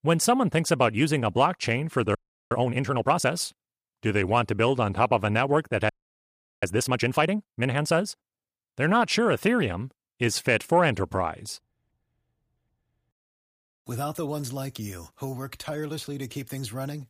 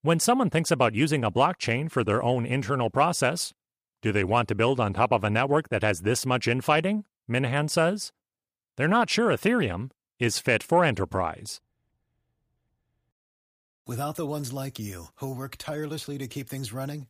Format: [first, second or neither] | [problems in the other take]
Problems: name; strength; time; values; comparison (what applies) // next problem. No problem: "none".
second | audio freezing; at 2 s and at 6 s for 0.5 s